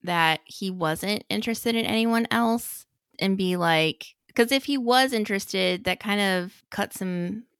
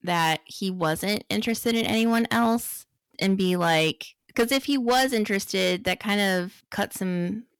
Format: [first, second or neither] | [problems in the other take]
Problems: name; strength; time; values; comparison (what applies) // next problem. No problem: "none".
first | distortion; slight; 4% of the sound clipped